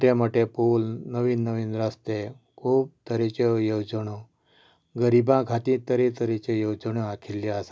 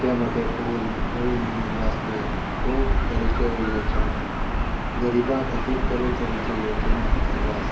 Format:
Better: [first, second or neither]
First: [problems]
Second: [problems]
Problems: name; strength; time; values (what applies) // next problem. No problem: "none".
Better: first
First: none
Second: background sound (Gull, seagull / Ocean); 4 dB above the speech // room echo; dies away in 0.6 s